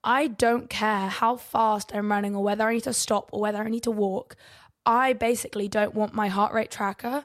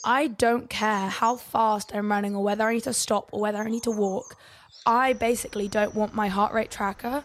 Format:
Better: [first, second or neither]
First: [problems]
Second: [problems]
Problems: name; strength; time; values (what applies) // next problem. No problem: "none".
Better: first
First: none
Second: animal sounds; faint; throughout; 25 dB below the speech